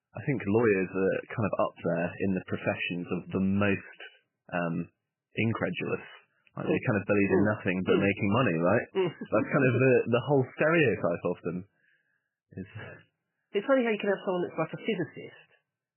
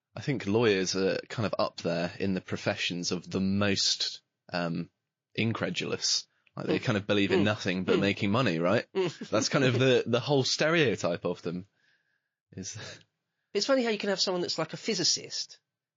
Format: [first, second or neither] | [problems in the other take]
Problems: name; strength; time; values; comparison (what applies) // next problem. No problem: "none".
second | garbled, watery; badly; nothing above 3 kHz; slightly in the second